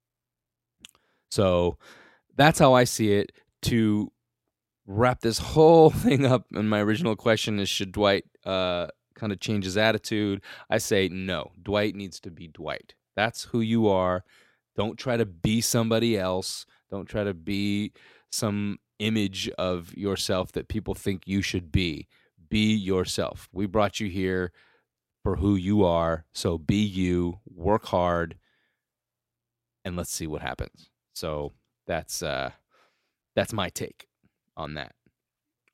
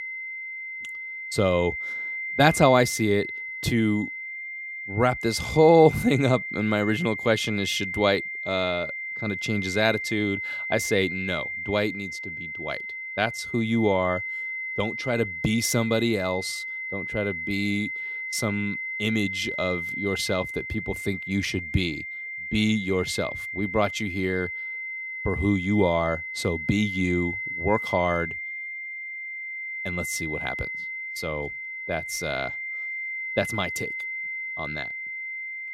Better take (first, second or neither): first